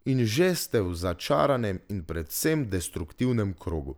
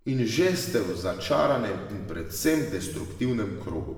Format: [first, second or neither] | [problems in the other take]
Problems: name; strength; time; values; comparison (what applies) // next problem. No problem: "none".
first | room echo; dies away in 1.2 s